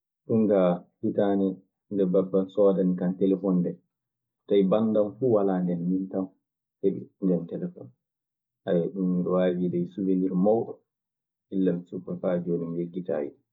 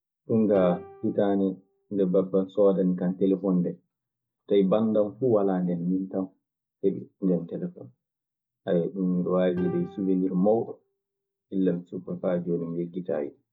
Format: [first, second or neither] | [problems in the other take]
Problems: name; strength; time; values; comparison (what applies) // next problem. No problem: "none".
first | background sound (Bowed string instrument); 17 dB below the speech